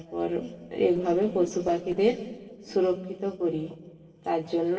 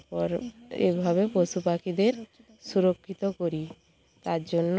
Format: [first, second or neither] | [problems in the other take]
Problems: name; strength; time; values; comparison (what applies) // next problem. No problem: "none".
second | noise reduction (neural separator model SepFormer DNS4)